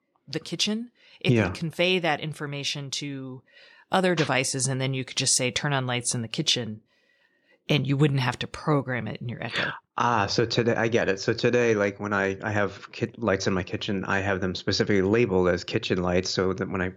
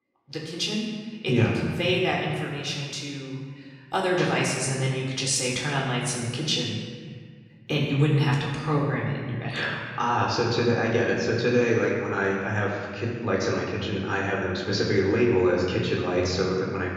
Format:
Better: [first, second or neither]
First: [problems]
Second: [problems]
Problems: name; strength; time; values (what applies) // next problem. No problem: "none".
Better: first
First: none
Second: off-mic speech; far // room echo; noticeable; dies away in 1.6 s